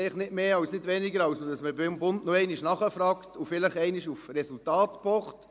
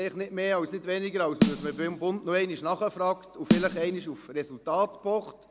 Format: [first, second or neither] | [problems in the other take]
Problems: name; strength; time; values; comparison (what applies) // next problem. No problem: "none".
first | background sound (Snare drum); 2 dB below the speech